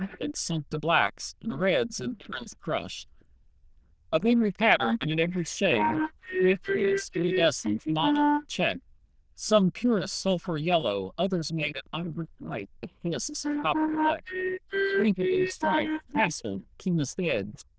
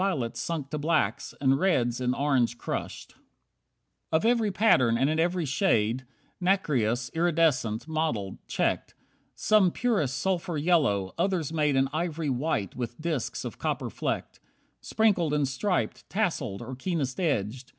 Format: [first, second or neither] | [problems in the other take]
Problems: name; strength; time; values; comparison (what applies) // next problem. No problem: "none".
second | noise reduction (neural diffusion model UNIVERSE++)